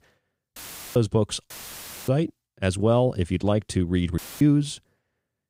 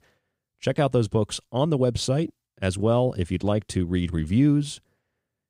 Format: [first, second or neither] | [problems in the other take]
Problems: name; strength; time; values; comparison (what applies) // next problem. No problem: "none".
second | audio cutting out; filled with static; at 0.5 s, at 1.5 s for 0.5 s and at 4 s